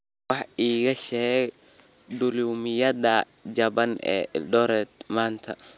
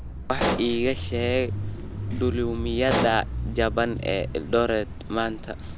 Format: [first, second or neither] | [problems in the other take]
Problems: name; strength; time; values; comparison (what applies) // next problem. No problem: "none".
first | background sound (Explosion + Mechanisms / Bicycle); 3 dB below the speech